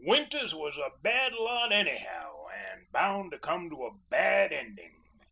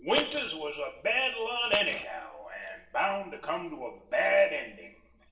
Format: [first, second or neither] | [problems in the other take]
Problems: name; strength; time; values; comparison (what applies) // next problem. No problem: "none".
first | background sound (Fart); 6 dB below the speech // room echo; dies away in 0.7 s